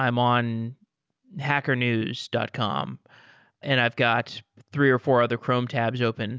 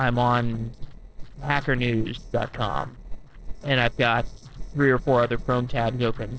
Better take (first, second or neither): first